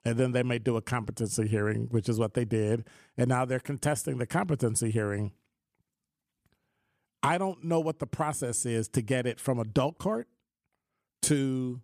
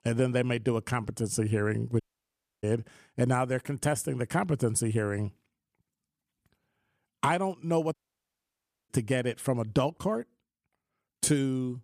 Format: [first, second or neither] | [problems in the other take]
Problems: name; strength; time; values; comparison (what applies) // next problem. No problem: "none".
first | audio cutting out; at 2 s for 0.5 s and at 8 s for 1 s